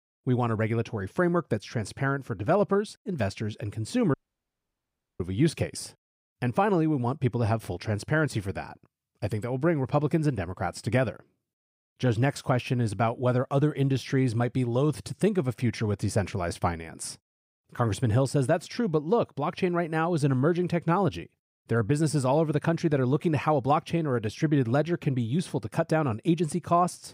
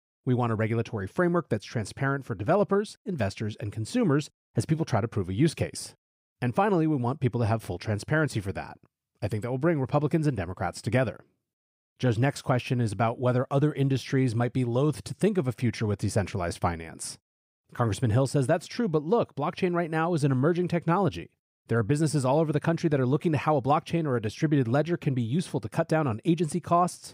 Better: second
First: audio cutting out; at 4 s for 1 s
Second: none

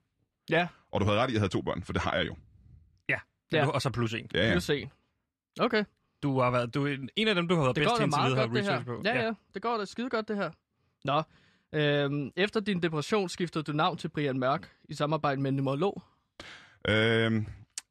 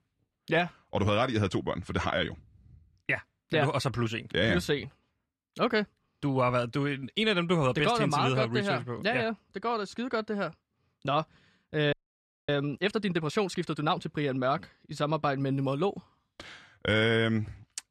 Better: first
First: none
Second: audio freezing; at 12 s for 0.5 s

